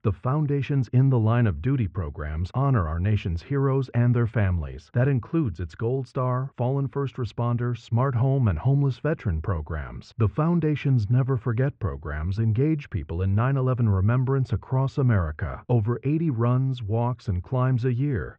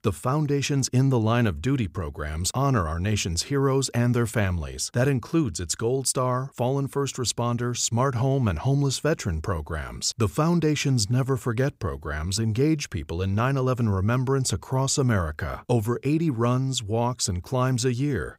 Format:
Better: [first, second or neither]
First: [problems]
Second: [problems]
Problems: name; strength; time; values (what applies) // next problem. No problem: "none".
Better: second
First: muffled; very; fading above 2.5 kHz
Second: none